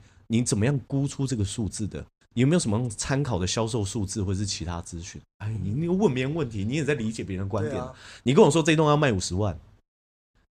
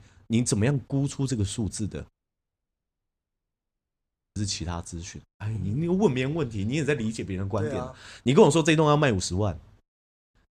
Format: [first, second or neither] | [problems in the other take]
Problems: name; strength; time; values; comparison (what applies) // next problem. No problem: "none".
first | audio cutting out; at 2 s for 2 s